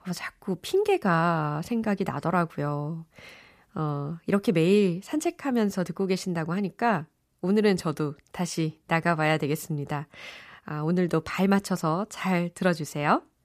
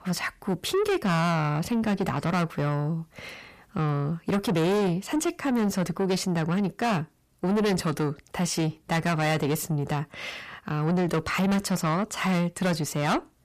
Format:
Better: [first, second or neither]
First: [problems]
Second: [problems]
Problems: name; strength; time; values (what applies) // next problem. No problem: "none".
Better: first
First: none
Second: distortion; heavy; 7 dB below the speech